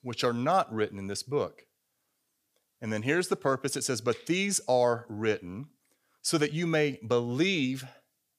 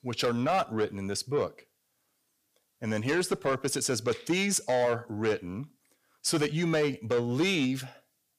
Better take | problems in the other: first | distortion; slight; 10 dB below the speech

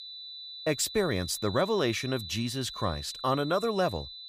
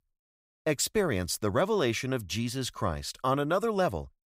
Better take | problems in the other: second | high-pitched whine; noticeable; throughout; 4 kHz, 10 dB below the speech

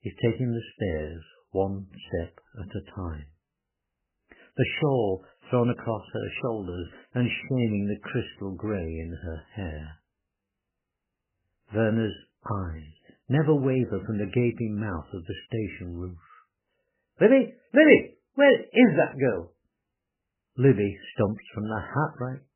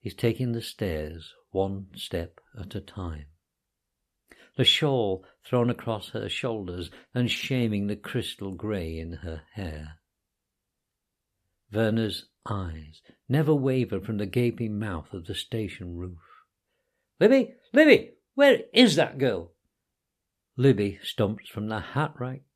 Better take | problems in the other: second | garbled, watery; badly; nothing above 3 kHz

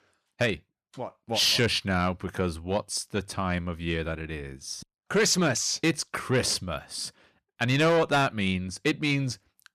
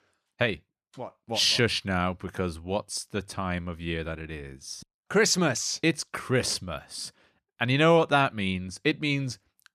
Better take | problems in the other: second | distortion; slight; 10 dB below the speech

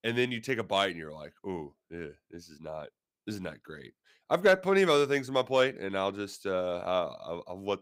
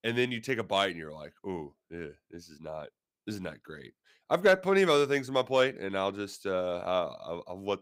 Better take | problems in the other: neither | none

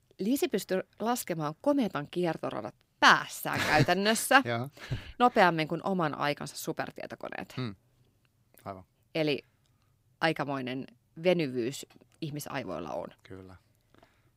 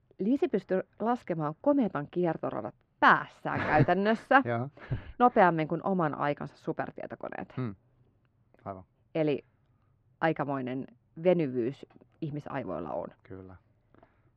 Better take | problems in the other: first | muffled; very; fading above 1.5 kHz

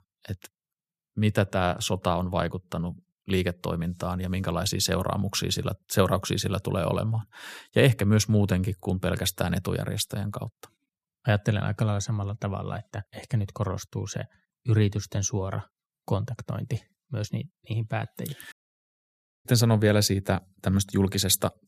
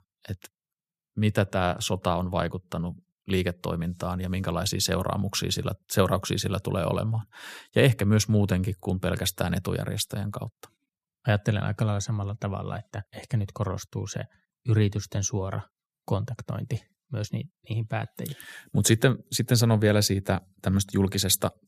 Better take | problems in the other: second | audio cutting out; at 19 s for 1 s

